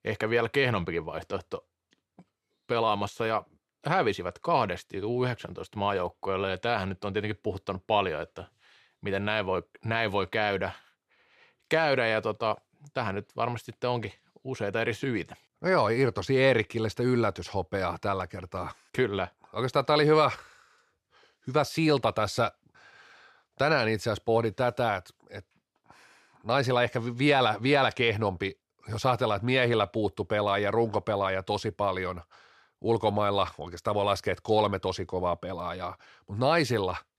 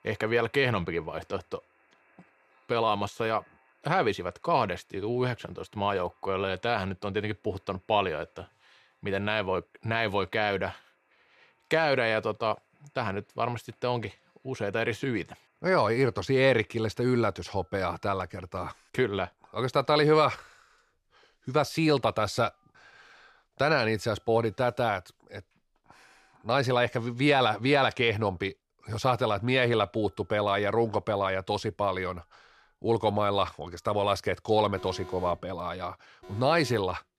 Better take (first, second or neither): first